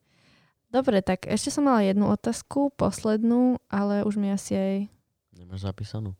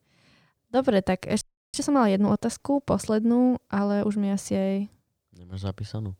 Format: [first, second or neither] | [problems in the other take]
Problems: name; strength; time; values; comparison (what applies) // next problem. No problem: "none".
first | audio freezing; at 1.5 s